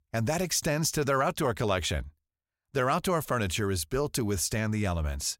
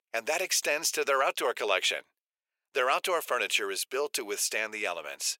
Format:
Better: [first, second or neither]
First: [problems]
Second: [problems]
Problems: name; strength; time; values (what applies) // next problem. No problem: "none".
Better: first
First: none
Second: thin; very; fading below 450 Hz